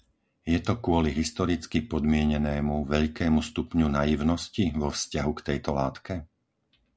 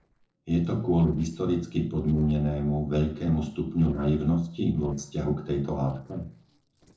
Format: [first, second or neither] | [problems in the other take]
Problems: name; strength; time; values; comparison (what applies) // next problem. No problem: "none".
first | noise reduction (neural separator model SepFormer DNS4)